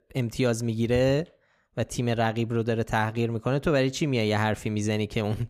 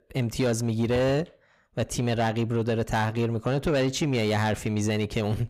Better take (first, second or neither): first